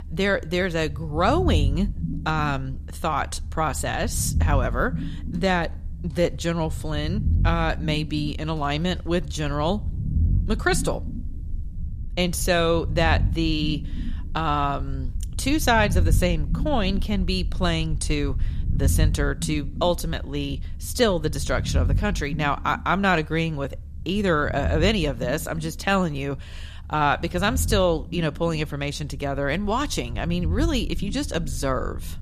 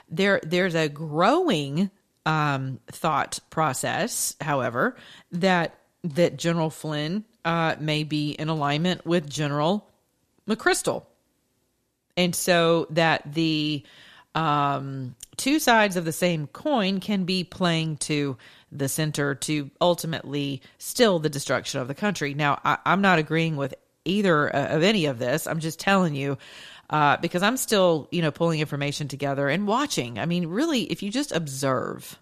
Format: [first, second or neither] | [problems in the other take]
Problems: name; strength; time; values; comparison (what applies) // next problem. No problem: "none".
second | low rumble; noticeable; throughout; 20 dB below the speech